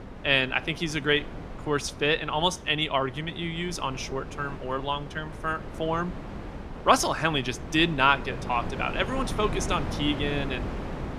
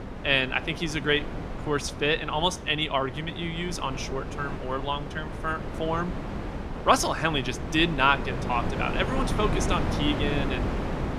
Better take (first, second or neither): first